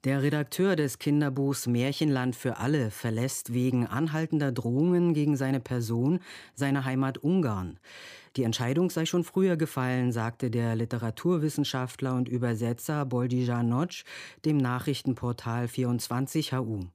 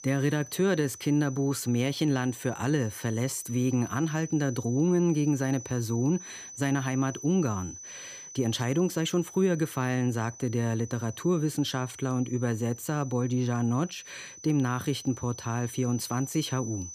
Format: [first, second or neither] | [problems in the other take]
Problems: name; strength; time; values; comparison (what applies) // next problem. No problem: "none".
first | high-pitched whine; noticeable; throughout; 6 kHz, 15 dB below the speech